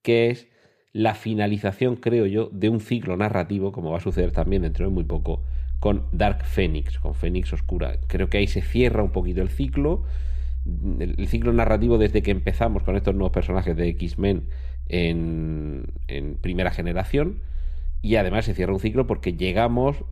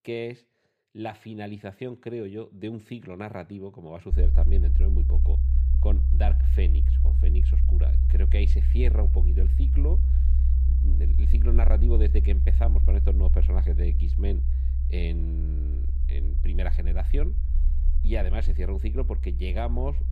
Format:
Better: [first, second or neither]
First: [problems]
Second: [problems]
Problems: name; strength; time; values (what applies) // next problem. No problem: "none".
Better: first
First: low rumble; faint; from 4 s on; 25 dB below the speech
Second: low rumble; loud; from 4 s on; 5 dB below the speech